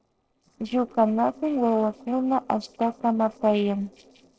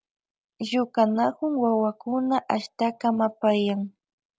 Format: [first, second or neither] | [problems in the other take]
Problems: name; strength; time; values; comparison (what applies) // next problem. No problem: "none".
second | noise reduction (neural separator model SepFormer DNS4)